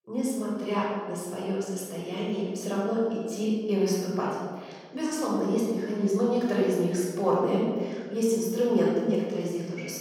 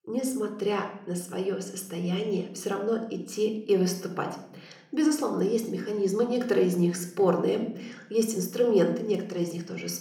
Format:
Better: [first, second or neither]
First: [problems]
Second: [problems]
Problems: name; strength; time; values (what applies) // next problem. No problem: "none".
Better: second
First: room echo; strong; dies away in 1.4 s // off-mic speech; far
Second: room echo; slight; dies away in 0.7 s